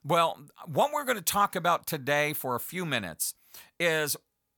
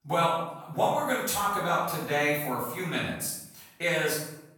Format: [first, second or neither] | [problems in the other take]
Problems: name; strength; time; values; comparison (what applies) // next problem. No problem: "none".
first | off-mic speech; far // room echo; noticeable; dies away in 0.7 s